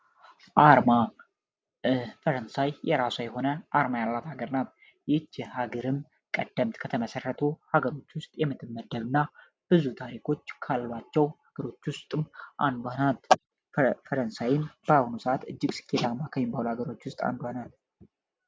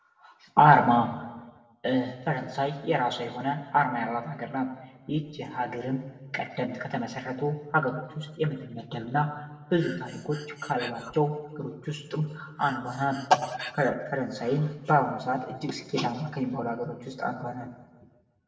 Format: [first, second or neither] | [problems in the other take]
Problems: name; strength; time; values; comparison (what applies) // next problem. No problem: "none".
first | background sound (Breathing); 15 dB below the speech // room echo; dies away in 1.1 s